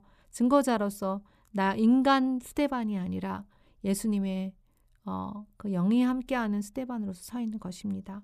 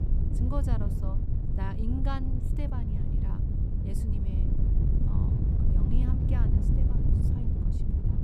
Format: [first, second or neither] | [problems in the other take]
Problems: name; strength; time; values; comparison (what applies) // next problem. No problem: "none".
first | wind noise on the microphone; heavy; 2 dB above the speech